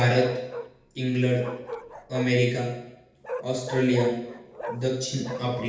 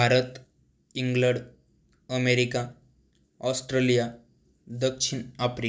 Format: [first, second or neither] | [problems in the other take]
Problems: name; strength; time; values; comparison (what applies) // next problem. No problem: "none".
second | background sound (Bark); 11 dB below the speech // room echo; dies away in 0.8 s